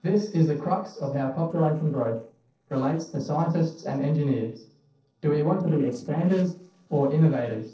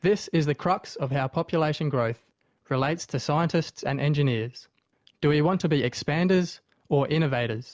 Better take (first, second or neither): second